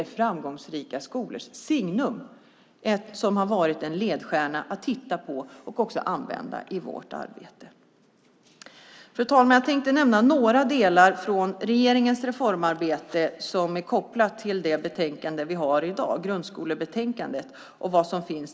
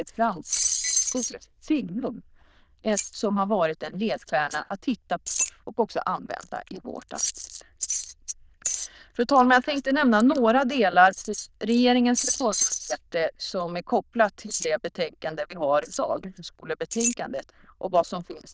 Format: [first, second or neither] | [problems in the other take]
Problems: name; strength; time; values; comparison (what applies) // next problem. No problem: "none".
first | noise reduction (neural diffusion model UNIVERSE++)